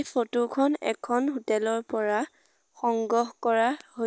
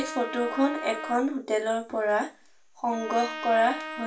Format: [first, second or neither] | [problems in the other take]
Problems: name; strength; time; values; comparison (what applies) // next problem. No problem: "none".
first | background sound (Trumpet); 11 dB below the speech // room echo; dies away in 0.3 s